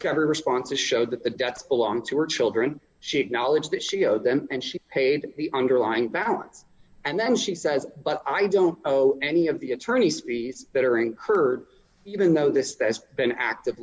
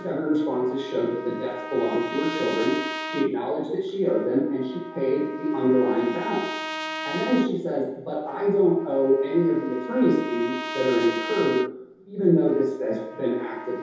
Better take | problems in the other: first | background sound (Trumpet); 11 dB below the speech // room echo; dies away in 0.8 s

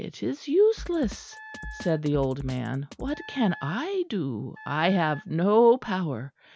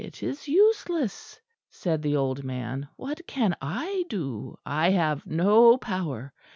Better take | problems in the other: second | background sound (Drum kit + Wind instrument, woodwind instrument); 17 dB below the speech

